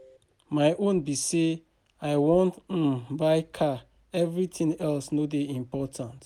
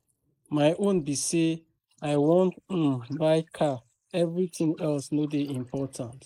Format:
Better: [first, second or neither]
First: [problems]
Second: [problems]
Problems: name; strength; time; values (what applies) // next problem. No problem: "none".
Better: first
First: none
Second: noise reduction (neural mask model Resemble Enhance denoiser)